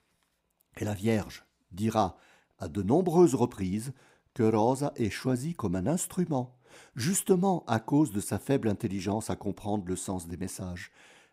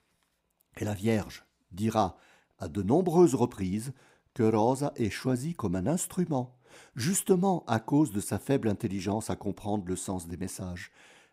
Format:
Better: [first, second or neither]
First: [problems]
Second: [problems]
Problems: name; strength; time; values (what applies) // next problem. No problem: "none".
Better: neither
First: none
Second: none